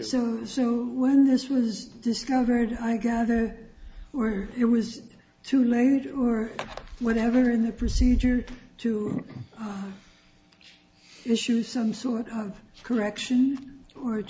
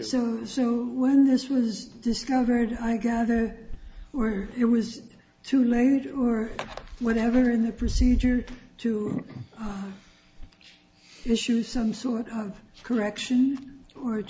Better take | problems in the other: first | background sound (Walk, footsteps); 18 dB below the speech

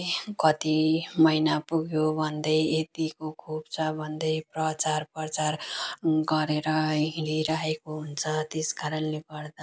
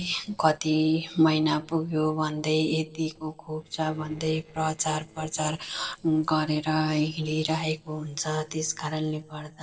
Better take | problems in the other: first | noise reduction (neural separator model SepFormer DNS4)

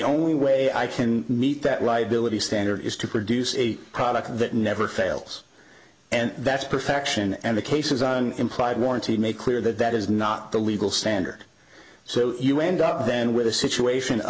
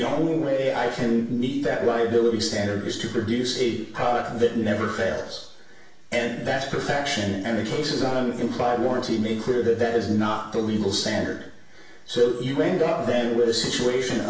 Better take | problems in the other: first | room echo; dies away in 0.6 s

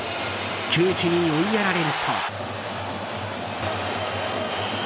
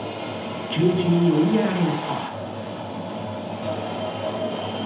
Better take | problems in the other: first | room echo; dies away in 0.8 s

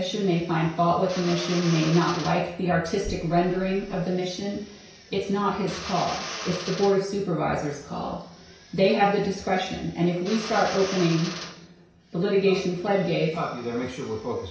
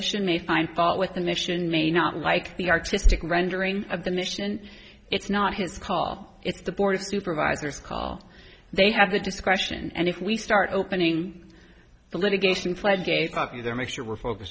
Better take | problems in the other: second | background sound (Drill); 15 dB below the speech // room echo; dies away in 0.6 s

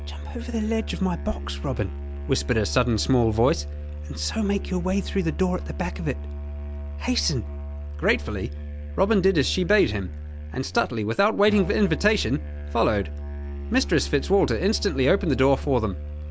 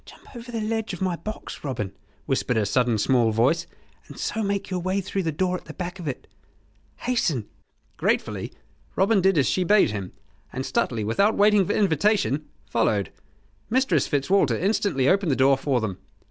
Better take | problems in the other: second | background sound (Musical instrument); 7 dB below the speech

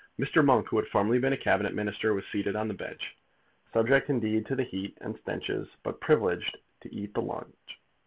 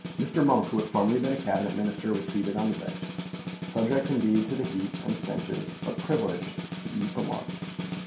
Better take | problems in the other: first | background sound (Snare drum); 7 dB below the speech // room echo; dies away in 0.5 s

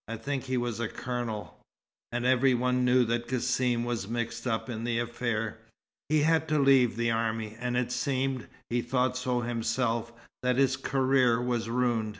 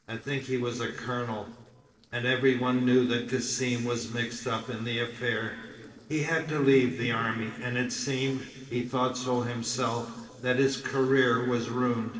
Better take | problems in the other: first | noise reduction (neural separator model SepFormer DNS4)

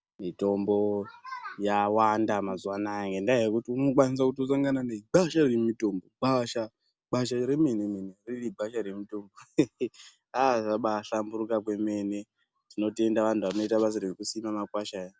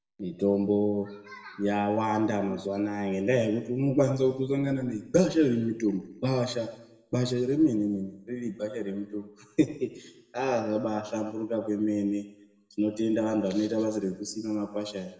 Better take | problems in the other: first | room echo; dies away in 0.8 s

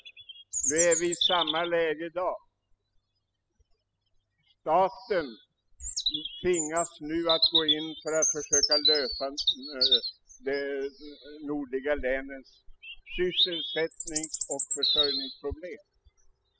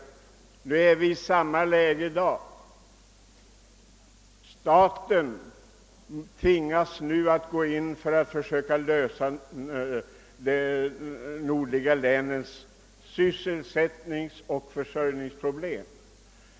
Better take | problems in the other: second | noise reduction (classical method spectral subtraction)

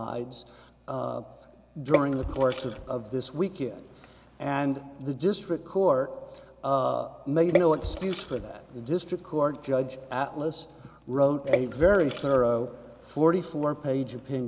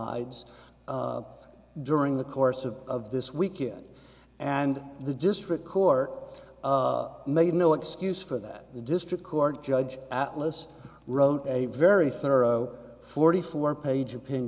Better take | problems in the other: second | background sound (Water / Splash, splatter); 8 dB below the speech

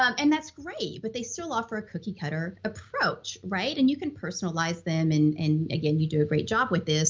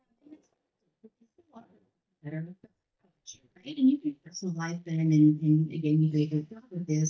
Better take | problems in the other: first | noise reduction (neural mask model DeepFilterNet 3)

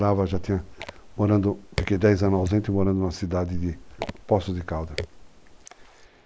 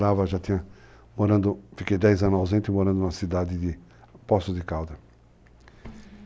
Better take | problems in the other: second | noise reduction (neural mask model Resemble Enhance denoiser)

